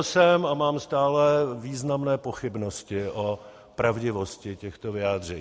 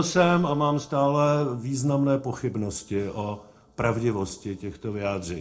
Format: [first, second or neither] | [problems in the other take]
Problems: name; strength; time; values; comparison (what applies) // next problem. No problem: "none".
first | noise reduction (neural separator model SepFormer DNS4)